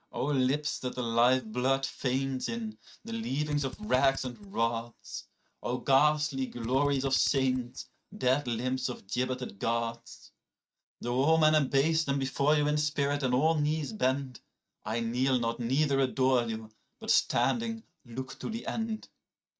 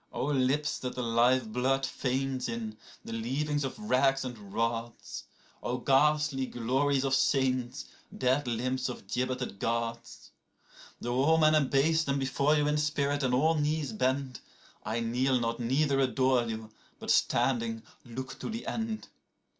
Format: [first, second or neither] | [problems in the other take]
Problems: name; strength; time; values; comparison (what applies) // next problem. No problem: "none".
second | noise reduction (neural mask model RNNoise)